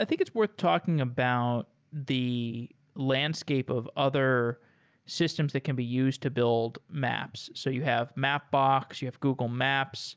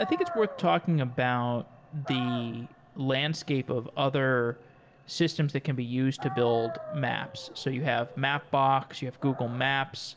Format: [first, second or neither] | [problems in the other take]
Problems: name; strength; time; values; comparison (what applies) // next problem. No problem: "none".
first | background sound (Dog); 15 dB below the speech // room echo; dies away in 0.3 s